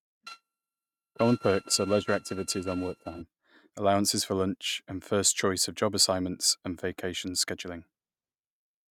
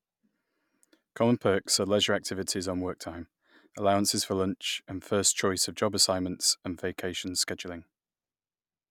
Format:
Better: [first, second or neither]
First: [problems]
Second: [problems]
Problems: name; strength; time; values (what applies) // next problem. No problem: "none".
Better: second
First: noise reduction (neural mask model RNNoise)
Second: none